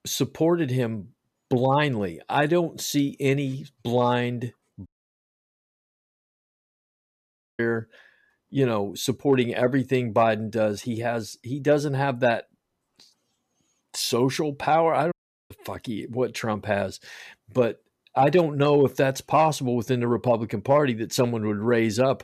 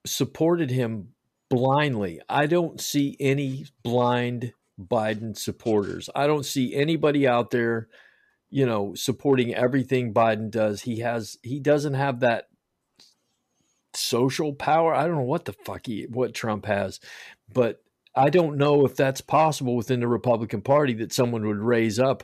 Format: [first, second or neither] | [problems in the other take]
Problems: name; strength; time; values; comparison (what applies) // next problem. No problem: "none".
second | audio cutting out; at 5 s for 2.5 s and at 15 s